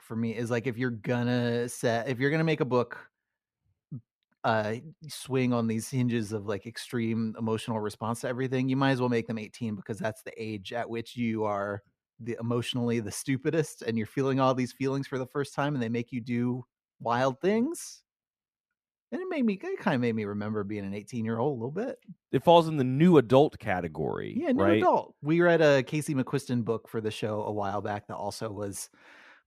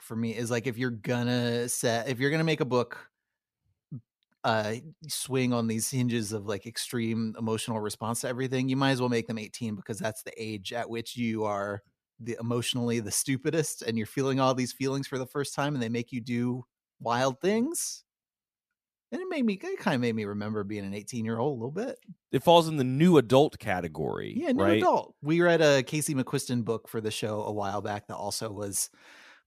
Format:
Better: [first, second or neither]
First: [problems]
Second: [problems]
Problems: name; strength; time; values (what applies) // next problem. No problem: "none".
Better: second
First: muffled; slightly; fading above 3.5 kHz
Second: none